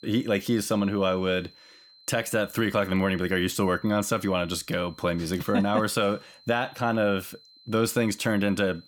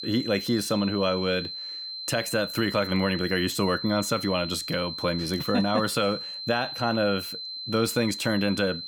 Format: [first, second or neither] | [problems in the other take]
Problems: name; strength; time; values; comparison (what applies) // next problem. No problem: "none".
first | high-pitched whine; loud; throughout; 4 kHz, 7 dB below the speech; faint in the first